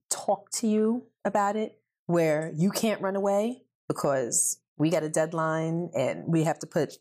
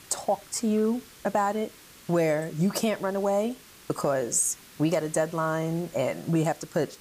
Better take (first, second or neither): first